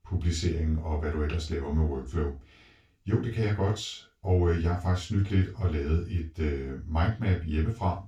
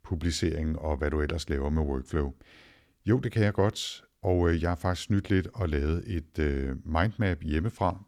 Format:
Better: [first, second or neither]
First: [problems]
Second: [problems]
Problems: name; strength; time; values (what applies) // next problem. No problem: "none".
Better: second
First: room echo; slight; dies away in 0.2 s // off-mic speech; far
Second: none